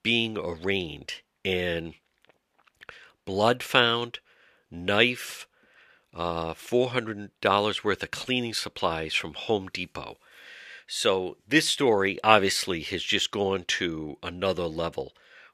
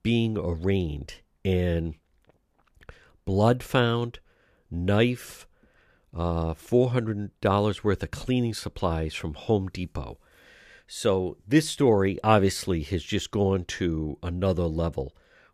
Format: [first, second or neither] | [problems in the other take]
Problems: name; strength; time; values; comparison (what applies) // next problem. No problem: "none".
second | thin; somewhat; fading below 950 Hz